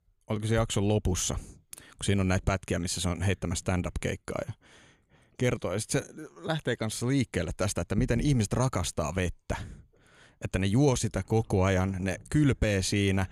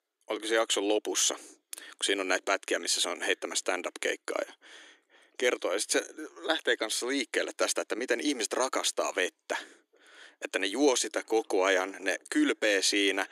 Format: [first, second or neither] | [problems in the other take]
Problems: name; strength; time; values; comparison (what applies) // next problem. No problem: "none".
first | thin; somewhat; fading below 300 Hz